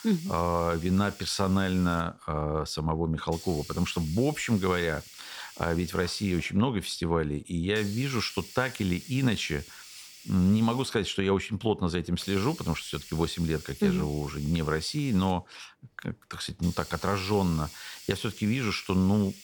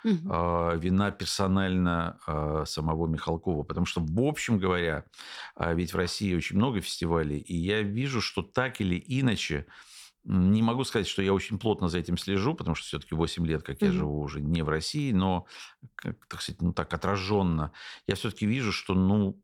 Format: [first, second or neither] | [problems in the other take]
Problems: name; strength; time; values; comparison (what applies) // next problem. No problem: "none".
second | hiss; noticeable; throughout; 15 dB below the speech